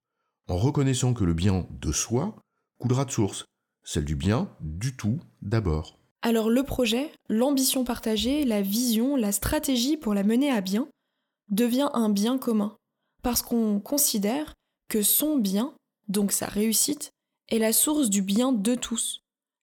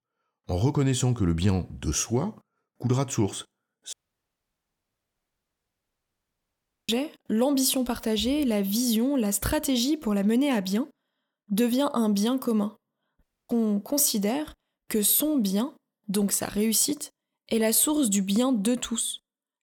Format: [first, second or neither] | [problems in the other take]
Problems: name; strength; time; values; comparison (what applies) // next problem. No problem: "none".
first | audio cutting out; at 4 s for 3 s and at 13 s